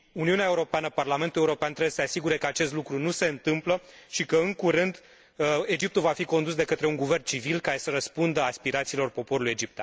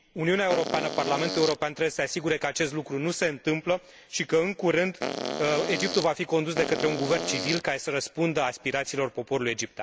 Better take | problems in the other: first | background sound (Fart); 4 dB below the speech

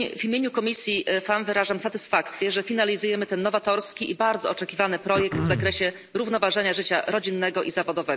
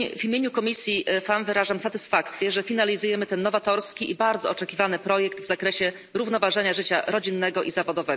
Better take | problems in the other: second | background sound (Cough); 6 dB below the speech

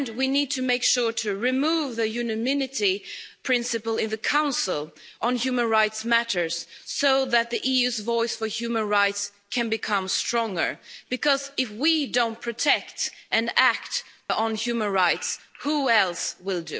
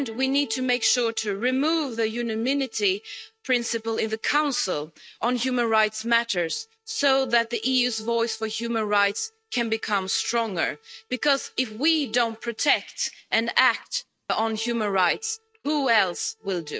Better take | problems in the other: first | noise reduction (neural mask model RNNoise)

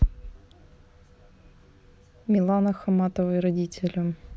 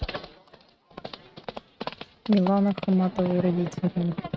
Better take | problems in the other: first | noise reduction (neural mask model RNNoise)

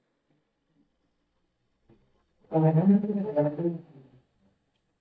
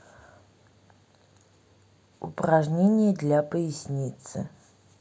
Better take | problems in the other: second | noise reduction (neural mask model DeepFilterNet 3)

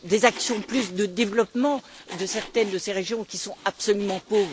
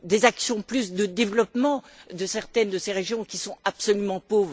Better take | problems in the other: second | background sound (Frying (food)); 16 dB below the speech

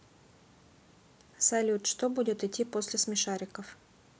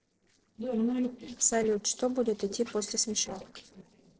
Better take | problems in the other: first | noise reduction (neural separator model SepFormer DNS4)

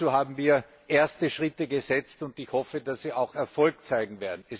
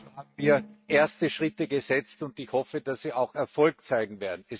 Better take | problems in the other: first | noise reduction (neural mask model RNNoise)

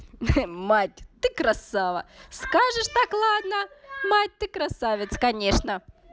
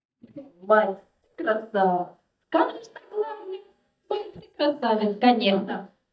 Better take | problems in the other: first | noise reduction (neural mask model DeepFilterNet 3)

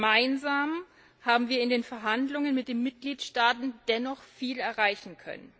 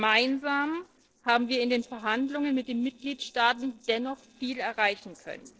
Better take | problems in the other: first | noise reduction (neural separator model SepFormer DNS4)

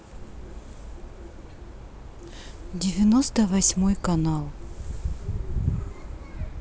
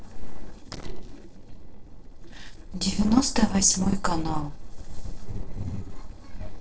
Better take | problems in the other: first | noise reduction (neural separator model SepFormer DNS4)

